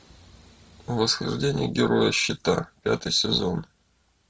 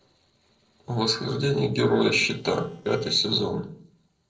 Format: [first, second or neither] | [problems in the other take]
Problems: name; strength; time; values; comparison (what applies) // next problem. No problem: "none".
first | noise reduction (neural separator model SepFormer DNS4)